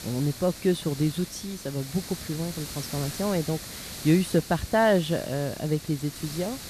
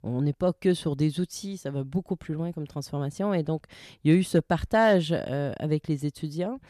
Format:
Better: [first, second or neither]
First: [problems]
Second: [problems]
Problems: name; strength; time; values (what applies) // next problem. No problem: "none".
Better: second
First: hiss; noticeable; throughout; 10 dB below the speech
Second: none